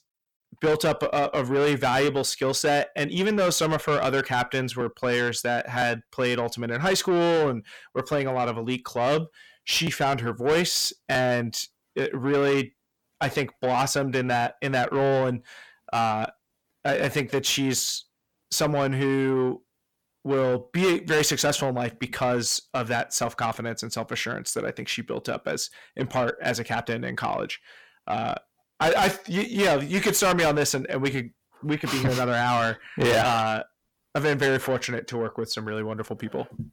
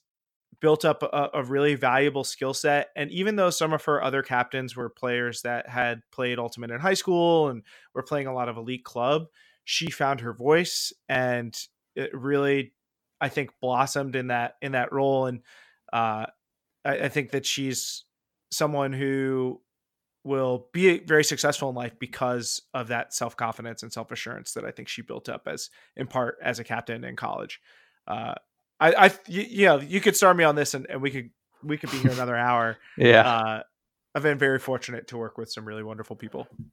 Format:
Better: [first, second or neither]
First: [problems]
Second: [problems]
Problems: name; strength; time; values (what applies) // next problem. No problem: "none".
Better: second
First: distortion; heavy; 5 dB below the speech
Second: none